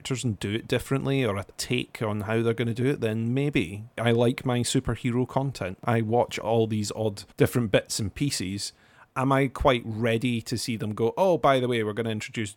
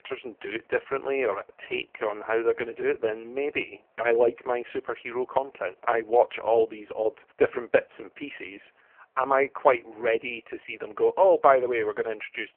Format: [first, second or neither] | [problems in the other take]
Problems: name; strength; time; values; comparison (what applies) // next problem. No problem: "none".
first | phone-call audio; poor line